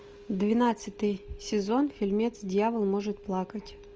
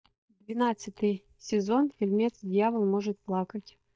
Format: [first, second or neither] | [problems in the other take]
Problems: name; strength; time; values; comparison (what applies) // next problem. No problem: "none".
first | noise reduction (neural mask model DeepFilterNet 3)